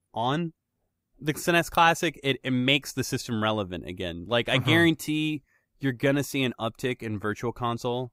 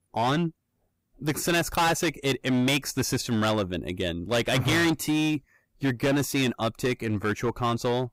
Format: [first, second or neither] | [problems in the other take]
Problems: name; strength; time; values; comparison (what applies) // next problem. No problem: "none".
first | distortion; heavy; 14% of the sound clipped